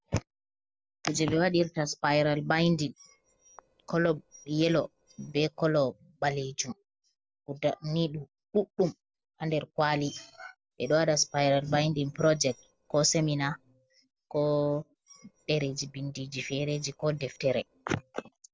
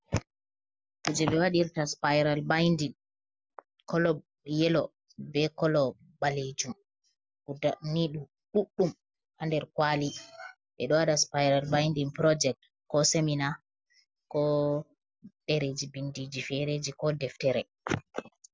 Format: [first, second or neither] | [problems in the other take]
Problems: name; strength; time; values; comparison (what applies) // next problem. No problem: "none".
second | noise reduction (neural separator model SepFormer DNS4)